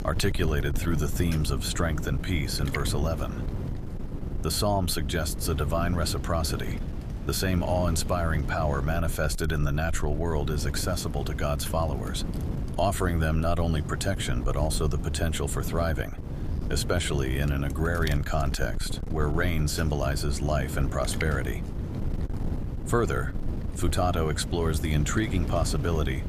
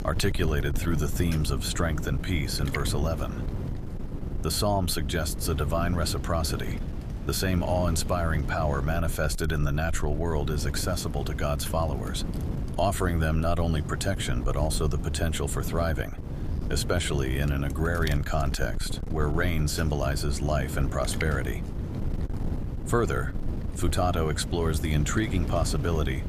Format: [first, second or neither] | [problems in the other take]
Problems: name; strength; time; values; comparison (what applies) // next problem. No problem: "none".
neither | wind noise on the microphone; occasional gusts; 10 dB below the speech; the same in both